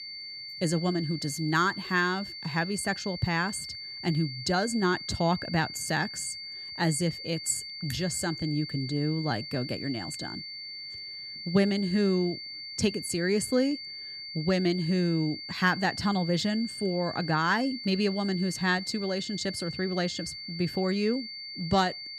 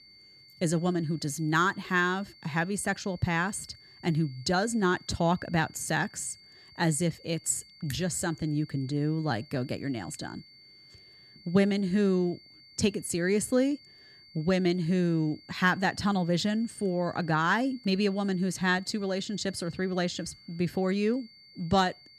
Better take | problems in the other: second | high-pitched whine; loud; throughout; 4.5 kHz, 9 dB below the speech; faint in the second

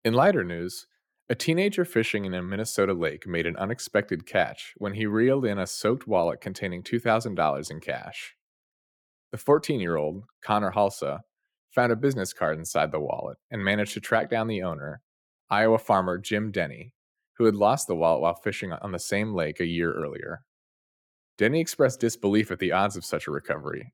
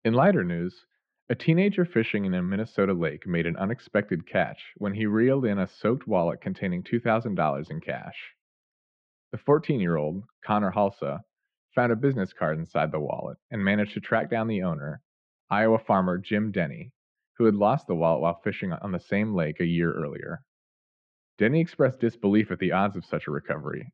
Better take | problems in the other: first | muffled; very; fading above 3 kHz

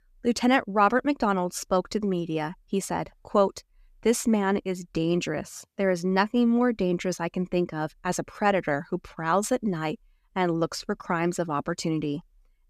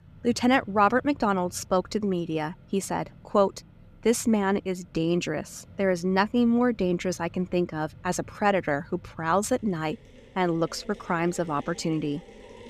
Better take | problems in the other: first | machinery noise; faint; throughout; 25 dB below the speech

